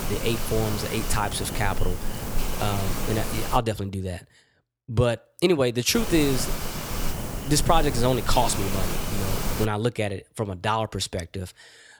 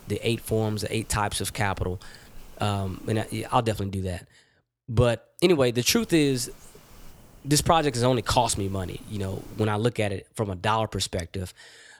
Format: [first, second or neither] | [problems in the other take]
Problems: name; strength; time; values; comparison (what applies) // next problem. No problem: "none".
second | hiss; loud; until 3.5 s and from 6 to 9.5 s; 5 dB below the speech; faint in the second